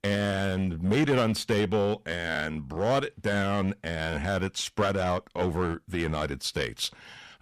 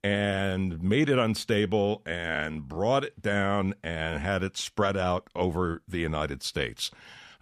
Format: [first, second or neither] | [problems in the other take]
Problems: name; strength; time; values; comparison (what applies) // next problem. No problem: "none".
second | distortion; slight; 5% of the sound clipped